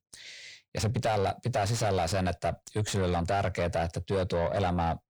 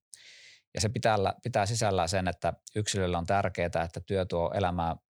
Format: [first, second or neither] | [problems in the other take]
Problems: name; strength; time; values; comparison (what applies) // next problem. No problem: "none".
second | distortion; heavy; 7 dB below the speech